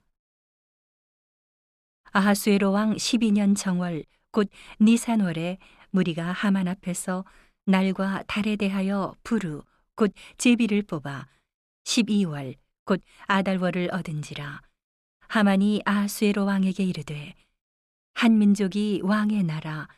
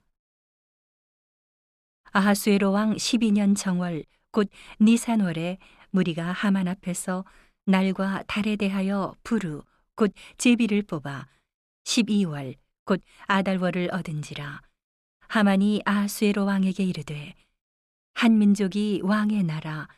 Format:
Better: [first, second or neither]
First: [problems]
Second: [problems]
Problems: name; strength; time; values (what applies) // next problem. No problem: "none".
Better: neither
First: none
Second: none